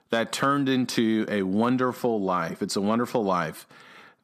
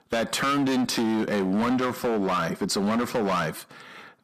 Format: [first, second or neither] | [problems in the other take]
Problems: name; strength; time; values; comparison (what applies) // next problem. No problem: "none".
first | distortion; heavy; 21% of the sound clipped